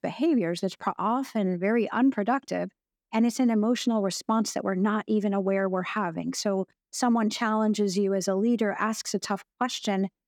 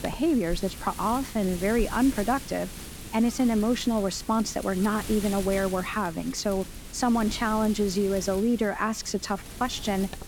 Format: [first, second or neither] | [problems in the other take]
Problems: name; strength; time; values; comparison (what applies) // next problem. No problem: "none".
first | wind noise on the microphone; occasional gusts; 15 dB below the speech